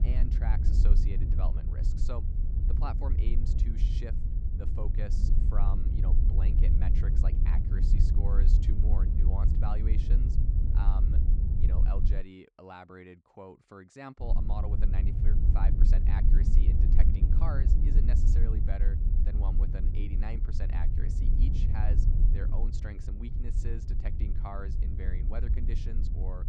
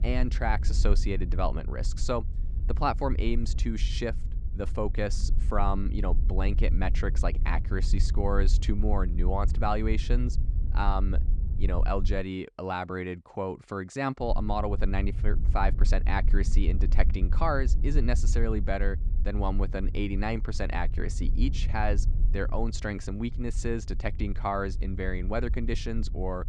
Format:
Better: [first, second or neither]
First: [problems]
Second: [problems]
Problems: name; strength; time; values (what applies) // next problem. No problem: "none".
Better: second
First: wind noise on the microphone; heavy; until 12 s and from 14 s on; 1 dB below the speech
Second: wind noise on the microphone; occasional gusts; until 12 s and from 14 s on; 15 dB below the speech